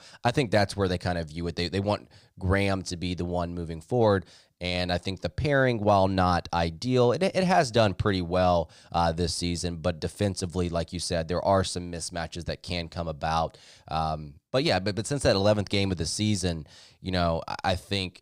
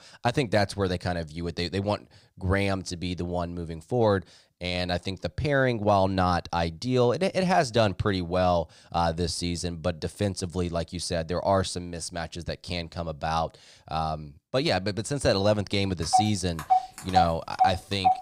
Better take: first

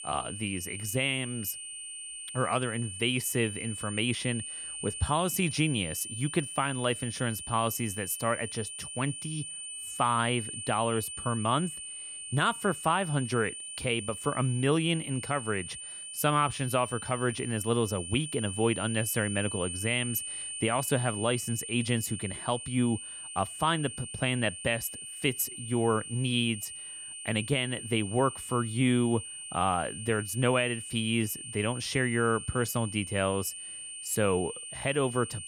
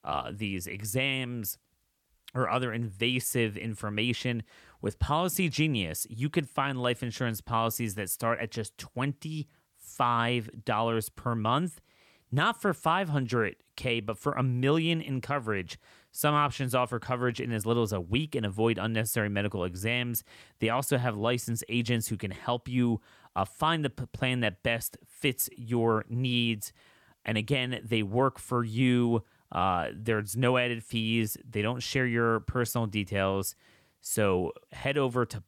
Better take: second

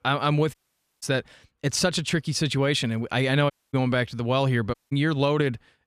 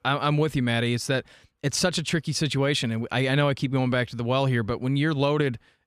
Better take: second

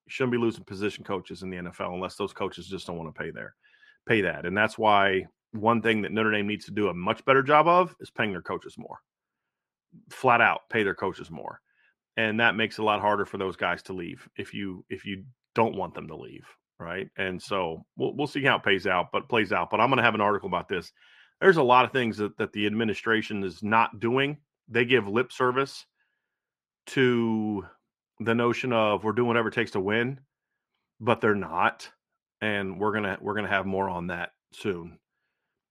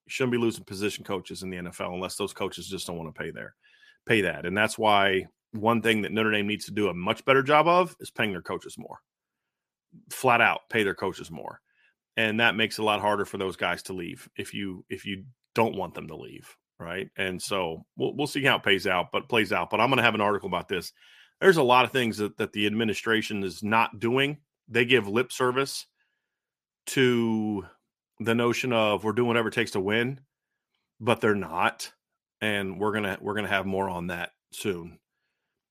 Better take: second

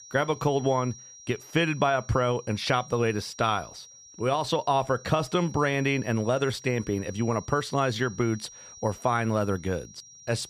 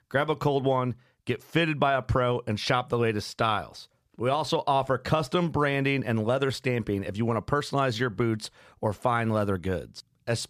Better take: second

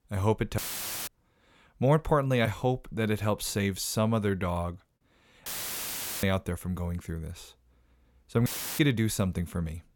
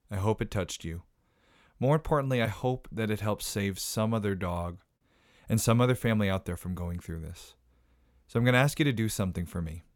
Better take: second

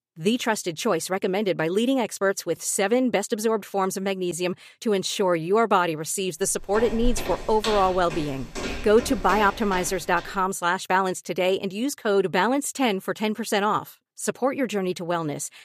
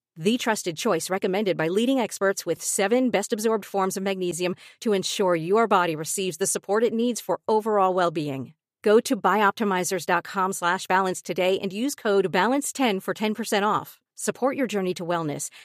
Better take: second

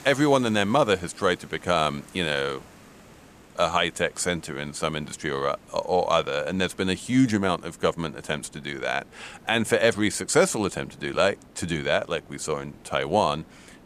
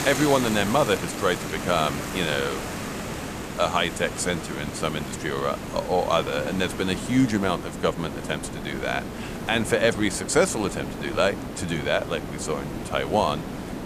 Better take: first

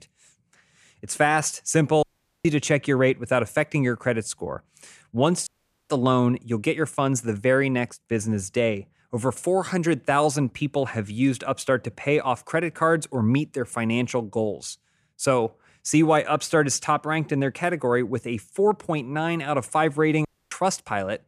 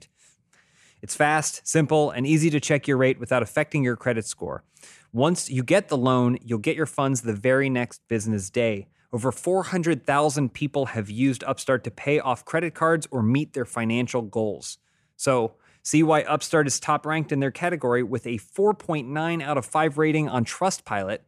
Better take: second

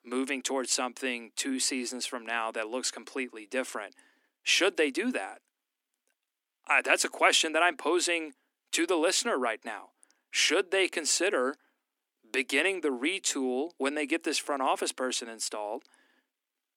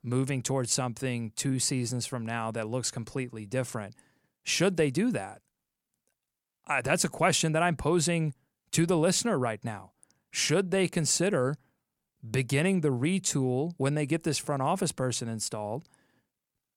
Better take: second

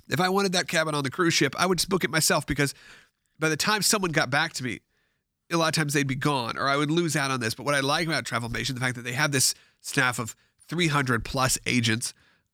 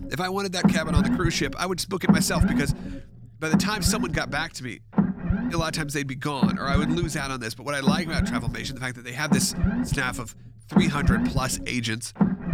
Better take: first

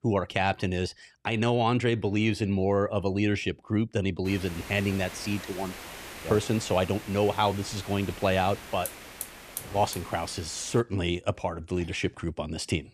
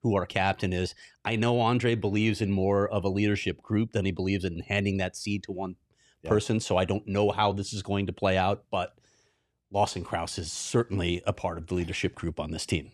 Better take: second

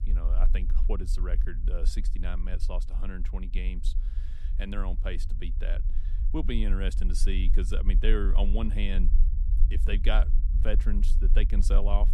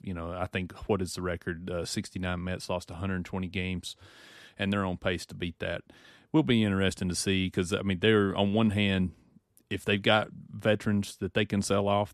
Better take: second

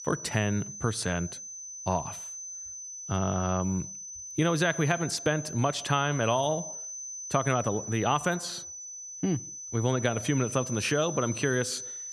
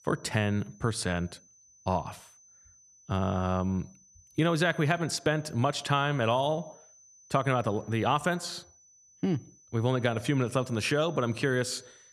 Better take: second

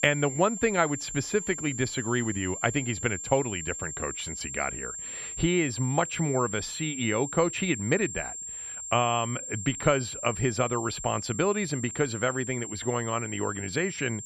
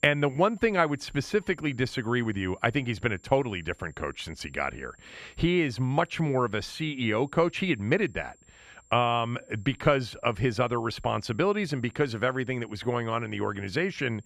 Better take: second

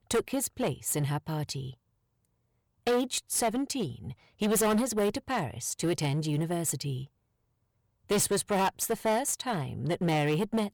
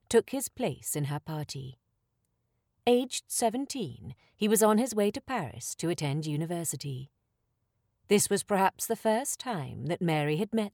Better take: second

